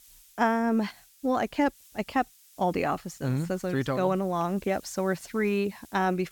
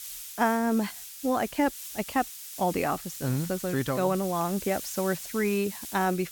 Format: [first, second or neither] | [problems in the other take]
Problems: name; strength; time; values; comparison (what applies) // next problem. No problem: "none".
first | hiss; loud; throughout; 10 dB below the speech; faint in the first